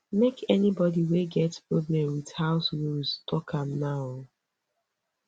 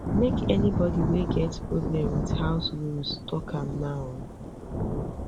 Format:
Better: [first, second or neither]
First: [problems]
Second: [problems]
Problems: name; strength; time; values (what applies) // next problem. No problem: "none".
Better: first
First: none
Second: background sound (Thunder / Rain); 1 dB below the speech